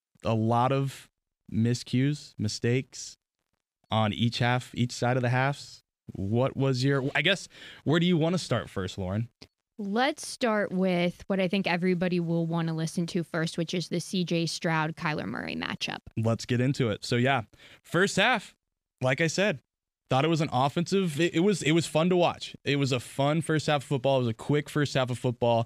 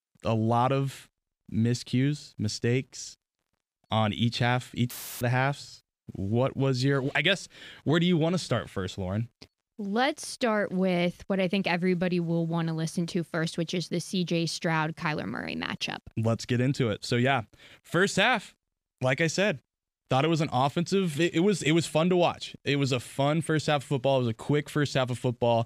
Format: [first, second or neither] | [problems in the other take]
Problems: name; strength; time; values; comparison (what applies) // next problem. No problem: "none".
first | audio cutting out; filled with static; at 5 s